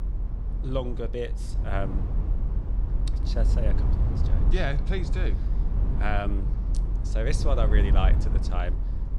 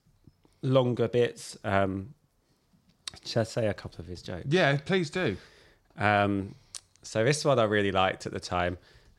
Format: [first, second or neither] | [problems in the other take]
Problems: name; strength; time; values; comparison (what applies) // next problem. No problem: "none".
second | low rumble; loud; throughout; 9 dB below the speech